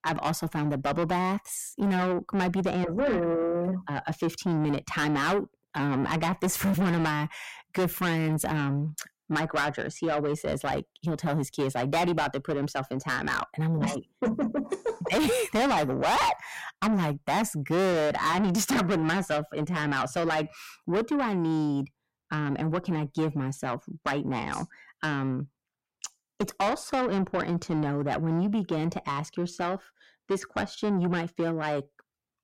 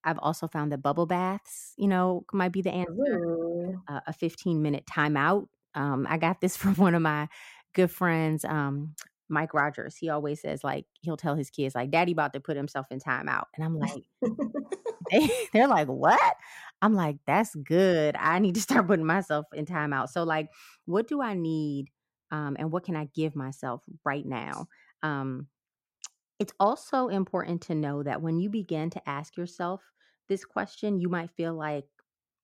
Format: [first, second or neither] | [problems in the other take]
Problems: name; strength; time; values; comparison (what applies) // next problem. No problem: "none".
second | distortion; heavy; 5 dB below the speech